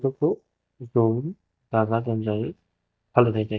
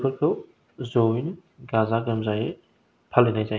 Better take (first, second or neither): second